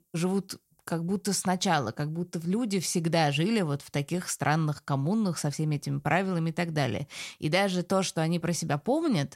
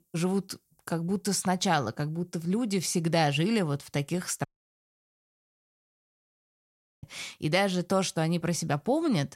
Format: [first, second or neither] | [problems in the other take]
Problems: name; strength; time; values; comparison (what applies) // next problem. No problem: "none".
first | audio cutting out; at 4.5 s for 2.5 s